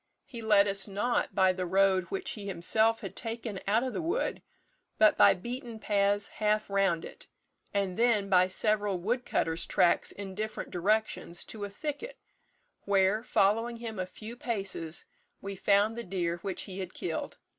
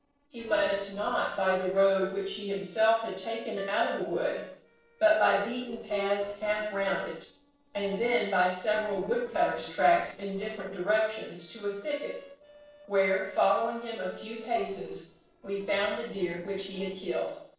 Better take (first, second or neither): first